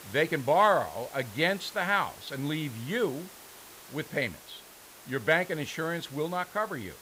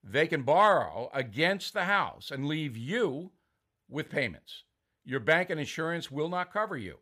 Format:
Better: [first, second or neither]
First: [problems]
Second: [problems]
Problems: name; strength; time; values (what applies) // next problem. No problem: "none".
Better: second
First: hiss; noticeable; throughout; 20 dB below the speech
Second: none